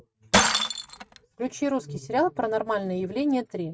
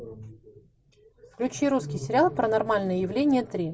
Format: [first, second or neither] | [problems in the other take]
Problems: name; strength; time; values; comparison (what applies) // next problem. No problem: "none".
second | noise reduction (neural mask model RNNoise)